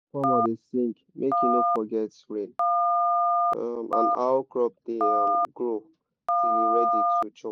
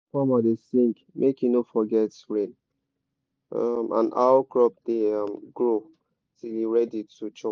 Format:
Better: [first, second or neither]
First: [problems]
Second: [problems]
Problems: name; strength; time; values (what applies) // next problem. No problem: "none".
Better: second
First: background sound (Telephone); 4 dB above the speech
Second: none